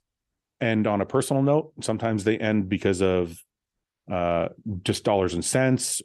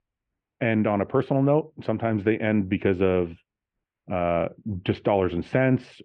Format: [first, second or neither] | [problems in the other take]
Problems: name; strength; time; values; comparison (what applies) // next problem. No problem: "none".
first | muffled; very; fading above 2.5 kHz